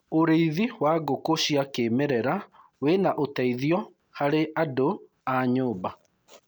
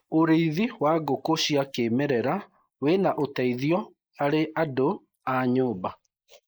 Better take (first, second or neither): first